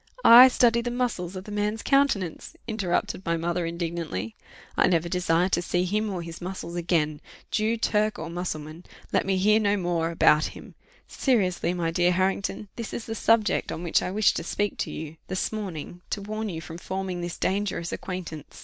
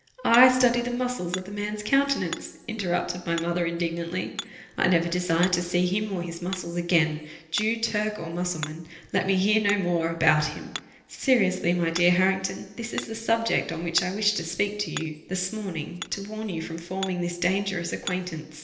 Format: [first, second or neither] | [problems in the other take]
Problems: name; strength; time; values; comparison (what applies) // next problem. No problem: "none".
first | background sound (Hammer); 17 dB below the speech // room echo; dies away in 1.4 s